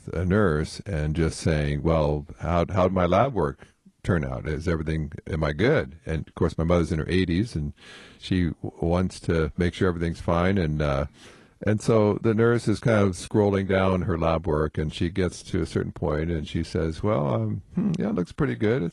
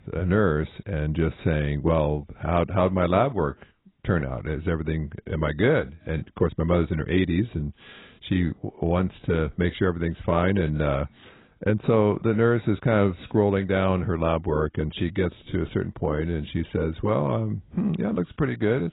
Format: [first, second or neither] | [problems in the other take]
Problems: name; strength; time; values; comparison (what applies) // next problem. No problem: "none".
first | garbled, watery; badly; nothing above 4 kHz; slightly in the first